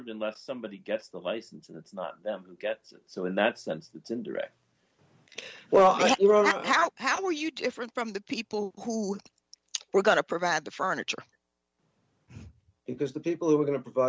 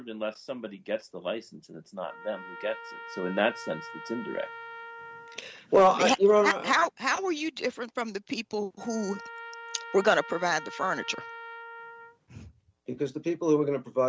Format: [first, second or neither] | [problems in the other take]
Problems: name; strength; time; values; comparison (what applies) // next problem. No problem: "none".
first | background sound (Trumpet); 17 dB below the speech